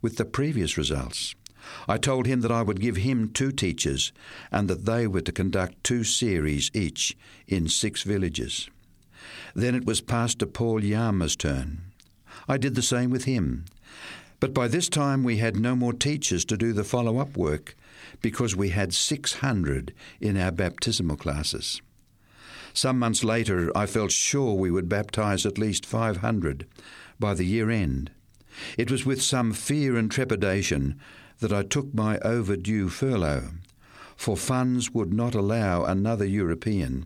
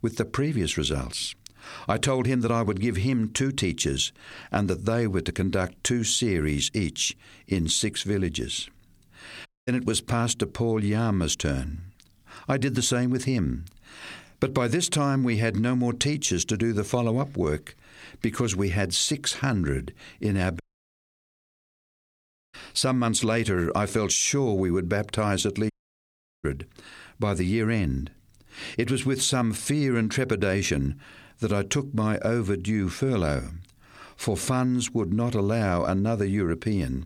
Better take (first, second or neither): first